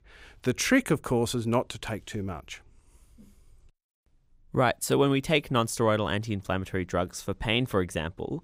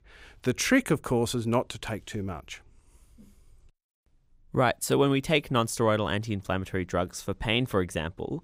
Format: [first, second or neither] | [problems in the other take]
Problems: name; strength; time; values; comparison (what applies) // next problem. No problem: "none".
neither | none